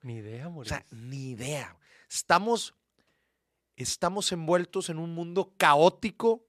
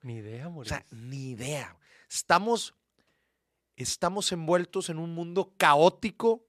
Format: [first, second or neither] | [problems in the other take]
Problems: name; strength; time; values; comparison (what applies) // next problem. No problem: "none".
neither | none